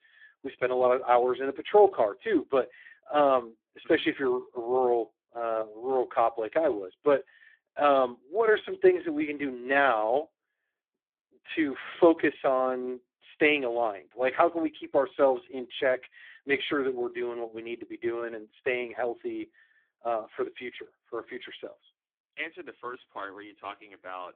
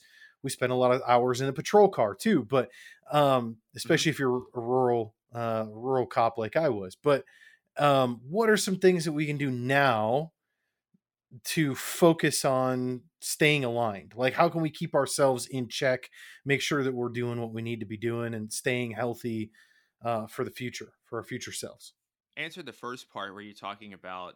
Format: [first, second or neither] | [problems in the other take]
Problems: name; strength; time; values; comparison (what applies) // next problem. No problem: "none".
second | phone-call audio; poor line